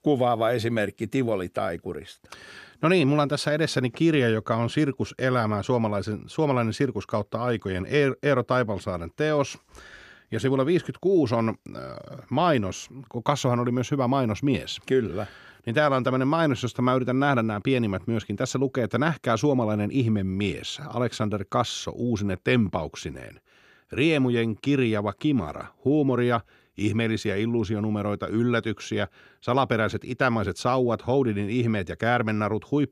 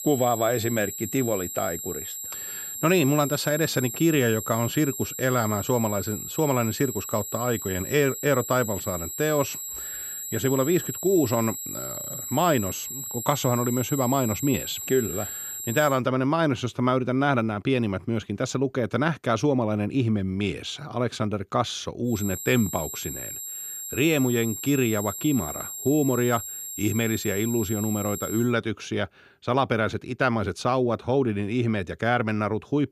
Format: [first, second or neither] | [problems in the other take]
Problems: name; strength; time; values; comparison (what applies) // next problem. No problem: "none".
first | high-pitched whine; loud; until 16 s and from 22 to 28 s; 7.5 kHz, 7 dB below the speech